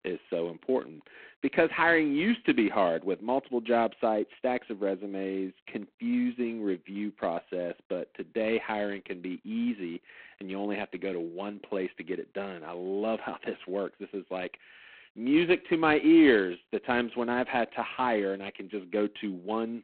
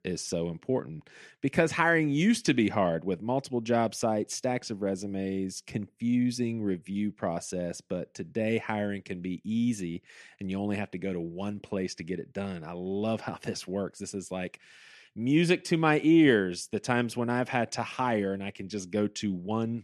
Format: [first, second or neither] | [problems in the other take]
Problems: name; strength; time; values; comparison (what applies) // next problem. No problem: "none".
second | phone-call audio; poor line; nothing above 3.5 kHz